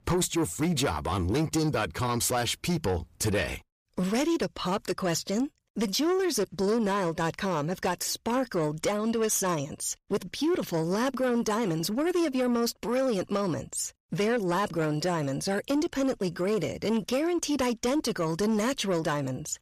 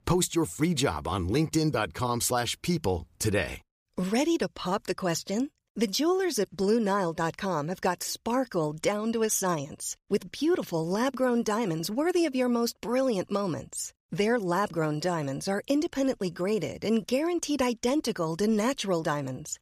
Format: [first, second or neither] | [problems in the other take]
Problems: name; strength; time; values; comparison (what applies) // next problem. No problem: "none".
second | distortion; slight; 10 dB below the speech